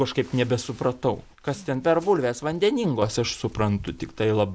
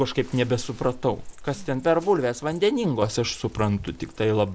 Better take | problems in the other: first | background sound (Insect); 18 dB below the speech

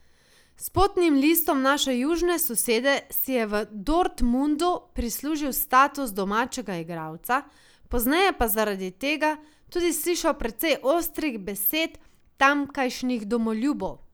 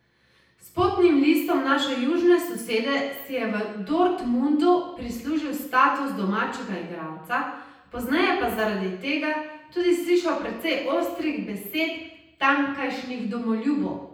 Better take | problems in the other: first | room echo; dies away in 0.9 s

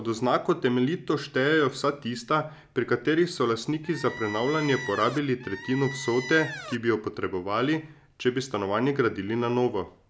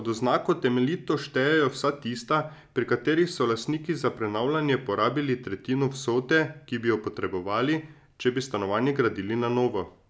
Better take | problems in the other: second | background sound (Squeak); 11 dB below the speech

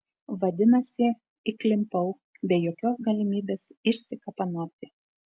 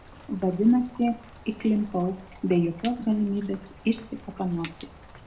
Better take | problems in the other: first | background sound (Rain); 19 dB below the speech // room echo; dies away in 0.3 s

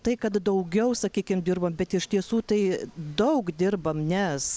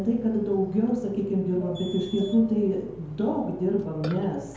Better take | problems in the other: first | background sound (Burping, eructation); 16 dB below the speech // room echo; dies away in 0.9 s

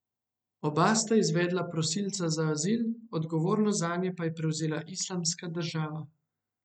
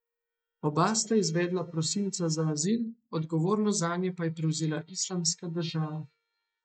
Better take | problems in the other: first | noise reduction (neural mask model DeepFilterNet 3)

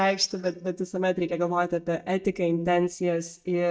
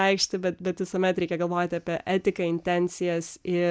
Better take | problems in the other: second | noise reduction (neural mask model DeepFilterNet 3)

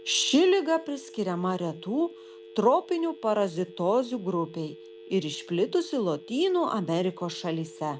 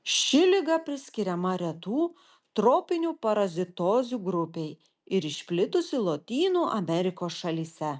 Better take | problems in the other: second | background sound (Telephone); 19 dB below the speech

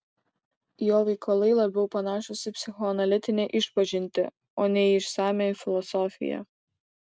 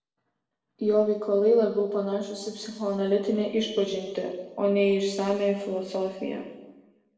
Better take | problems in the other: first | room echo; dies away in 1.1 s

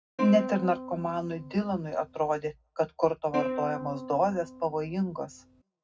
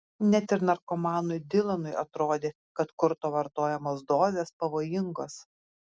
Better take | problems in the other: second | background sound (Plucked string instrument); 8 dB below the speech // room echo; dies away in 0.3 s

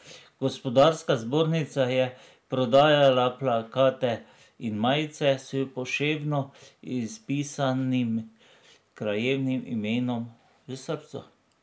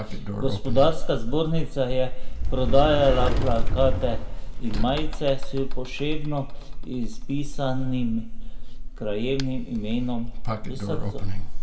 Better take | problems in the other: first | background sound (Sliding door); 4 dB above the speech // room echo; dies away in 1.4 s

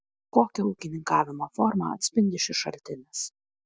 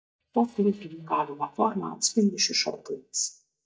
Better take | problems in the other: first | noise reduction (neural mask model DeepFilterNet 3)

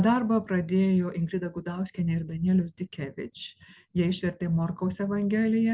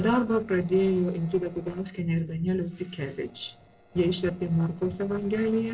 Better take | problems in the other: first | noise reduction (neural separator model SepFormer DNS4)

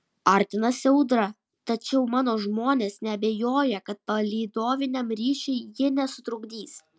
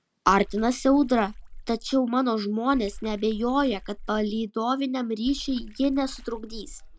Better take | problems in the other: first | background sound (Water / Splash, splatter); 14 dB below the speech

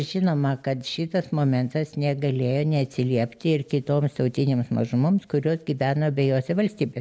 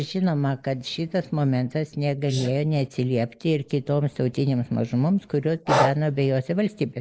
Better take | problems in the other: first | noise reduction (neural mask model Resemble Enhance denoiser)

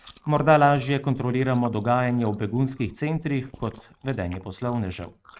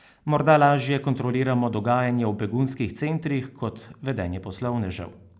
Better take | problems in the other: second | noise reduction (neural mask model RNNoise)

